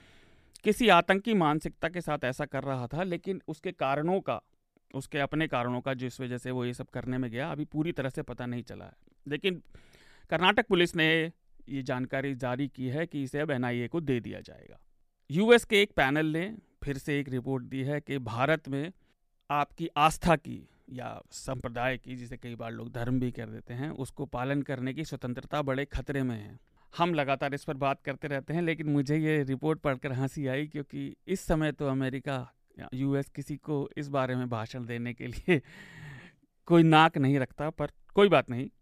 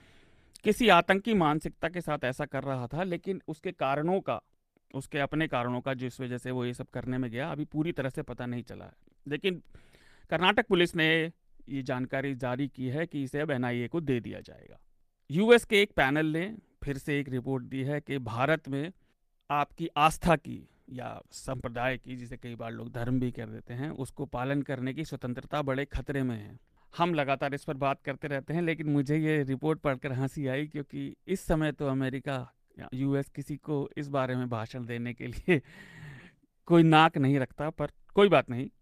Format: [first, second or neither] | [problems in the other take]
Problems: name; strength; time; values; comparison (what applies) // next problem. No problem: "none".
first | garbled, watery; slightly; nothing above 14.5 kHz